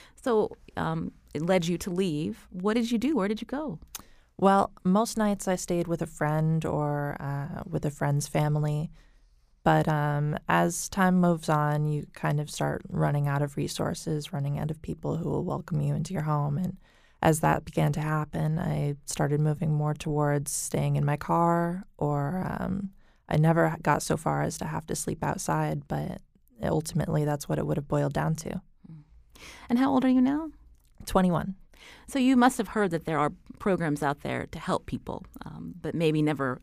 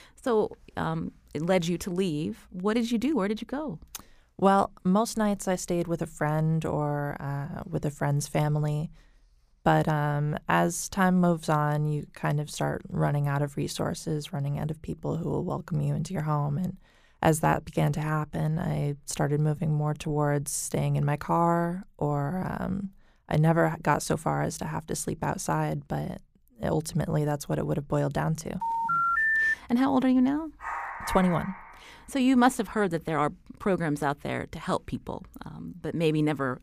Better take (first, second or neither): first